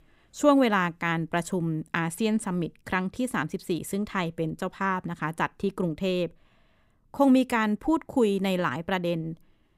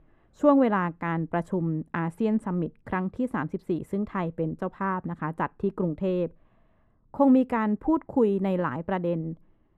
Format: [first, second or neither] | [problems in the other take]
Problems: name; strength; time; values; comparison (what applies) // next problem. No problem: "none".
first | muffled; very; fading above 2.5 kHz